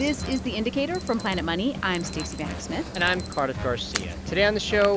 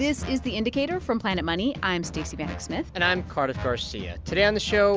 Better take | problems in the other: second | background sound (Alarm); 11 dB below the speech

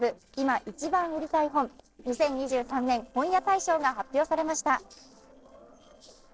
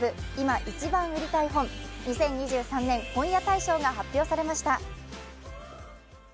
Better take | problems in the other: second | noise reduction (neural separator model SepFormer DNS4)

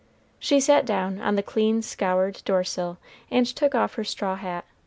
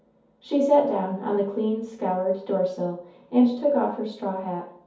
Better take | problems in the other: first | room echo; dies away in 0.6 s

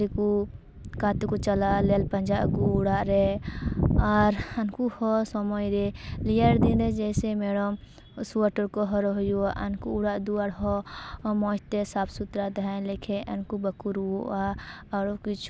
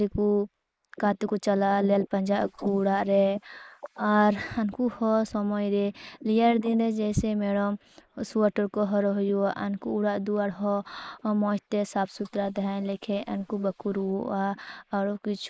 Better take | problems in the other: first | noise reduction (neural mask model Resemble Enhance denoiser)

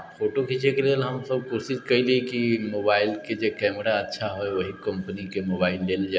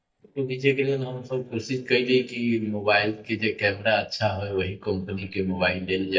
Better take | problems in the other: first | noise reduction (neural mask model DeepFilterNet 3)

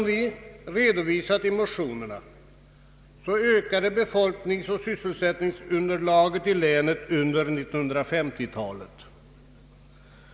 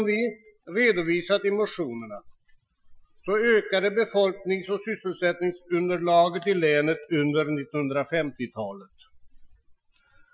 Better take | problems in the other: first | noise reduction (classical method Wiener filter)

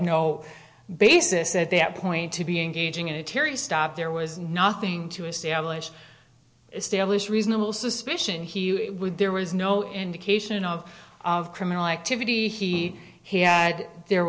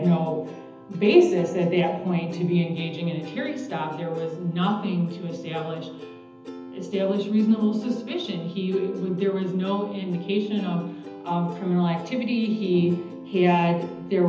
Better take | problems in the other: first | background sound (Plucked string instrument); 16 dB below the speech // room echo; dies away in 0.8 s

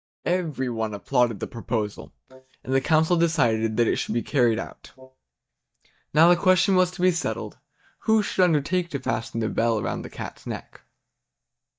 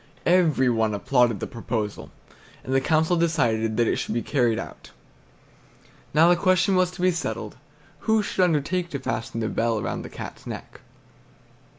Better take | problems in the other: second | noise reduction (neural mask model DeepFilterNet 3)

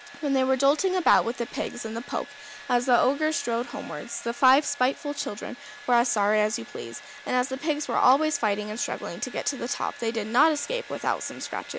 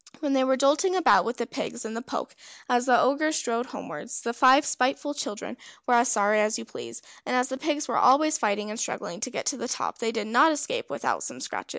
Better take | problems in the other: second | background sound (Domestic sounds, home sounds); 19 dB below the speech

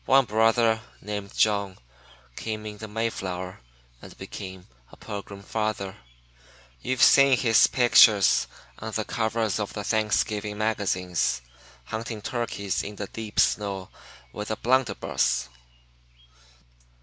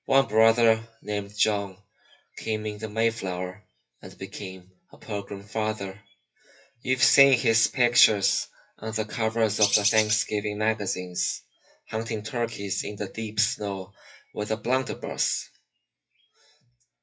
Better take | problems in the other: first | noise reduction (classical method WPE with log-MMSE)

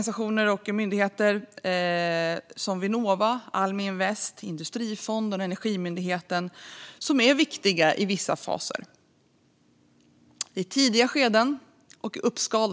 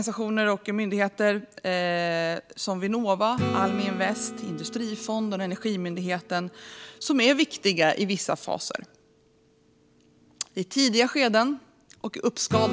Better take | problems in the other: first | background sound (Acoustic guitar / Strum); 11 dB below the speech

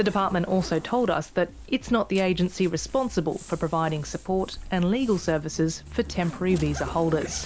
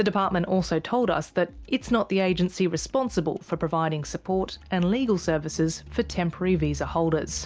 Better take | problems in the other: second | background sound (Zipper (clothing)); 17 dB below the speech

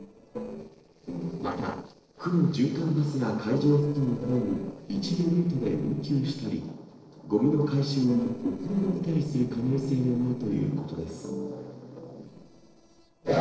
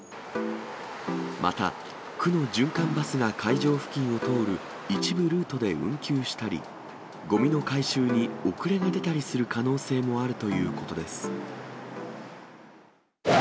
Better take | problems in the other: second | noise reduction (neural separator model SepFormer DNS4)

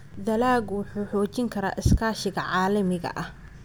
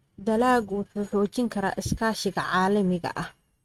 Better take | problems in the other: first | noise reduction (neural mask model RNNoise)

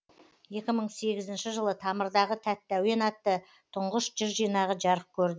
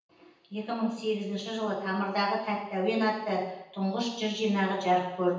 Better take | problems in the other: first | room echo; dies away in 0.9 s

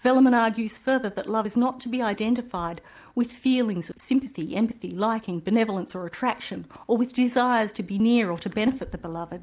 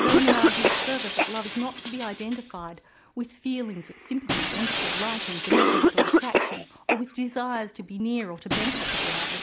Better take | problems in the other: first | background sound (Shatter + Cough); 5 dB above the speech

